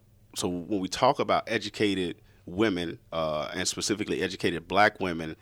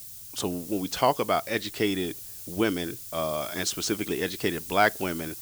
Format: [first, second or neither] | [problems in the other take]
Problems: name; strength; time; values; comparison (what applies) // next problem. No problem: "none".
first | hiss; noticeable; throughout; 10 dB below the speech